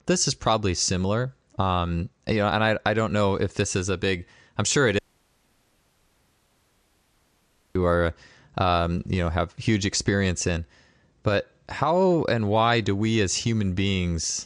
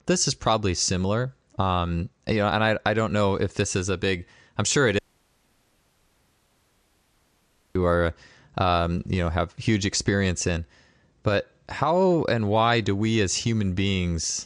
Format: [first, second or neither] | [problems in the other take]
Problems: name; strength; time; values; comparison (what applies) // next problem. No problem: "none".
neither | audio cutting out; at 5 s for 3 s; the same in both